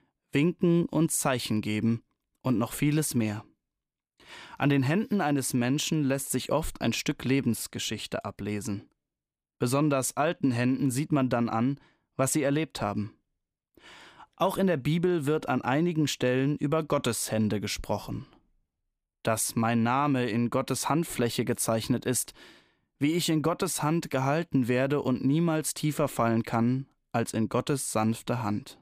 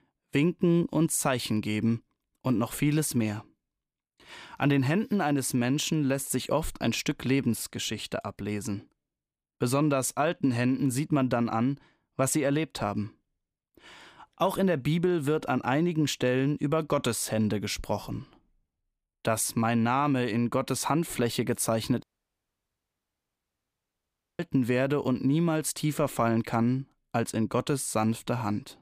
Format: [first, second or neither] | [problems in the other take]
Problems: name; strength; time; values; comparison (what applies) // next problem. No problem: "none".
first | audio cutting out; at 22 s for 2.5 s